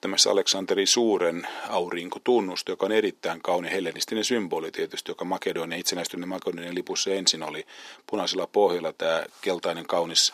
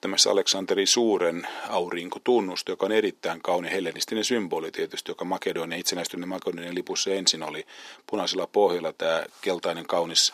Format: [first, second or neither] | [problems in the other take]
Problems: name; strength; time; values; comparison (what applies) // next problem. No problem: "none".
neither | thin; somewhat; fading below 350 Hz; the same in both